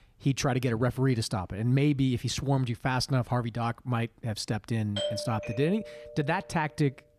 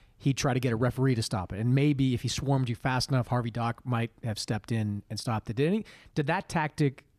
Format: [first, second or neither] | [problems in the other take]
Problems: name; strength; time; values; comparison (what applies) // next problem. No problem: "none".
second | doorbell; noticeable; from 5 to 6.5 s; peak 3 dB below the speech